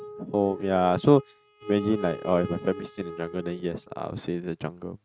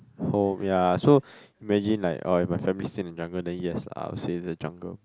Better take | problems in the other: second | noise reduction (neural mask model RNNoise)

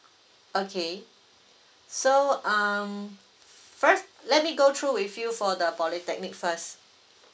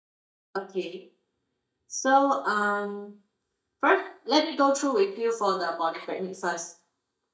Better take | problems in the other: first | noise reduction (neural mask model DeepFilterNet 3)

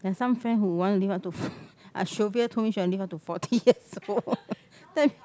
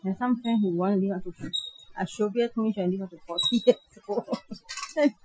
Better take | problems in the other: first | noise reduction (classical method Wiener filter)

